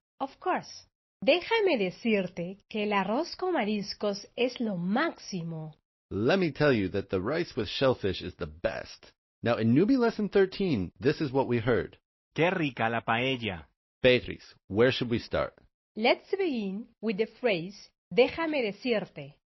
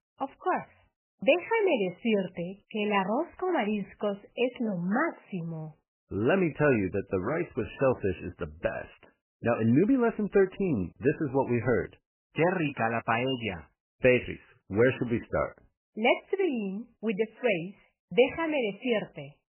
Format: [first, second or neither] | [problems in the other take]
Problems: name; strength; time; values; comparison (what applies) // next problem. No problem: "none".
first | garbled, watery; badly; nothing above 3 kHz; slightly in the first